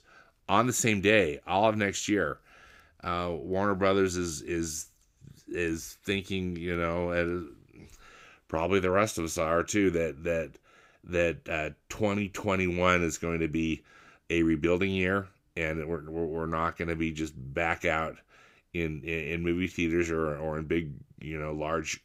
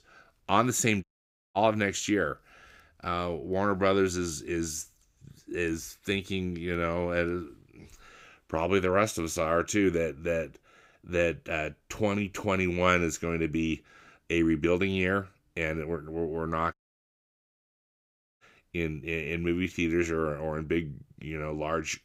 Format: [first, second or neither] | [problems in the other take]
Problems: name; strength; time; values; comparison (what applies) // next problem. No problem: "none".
first | audio cutting out; at 1 s for 0.5 s and at 17 s for 1.5 s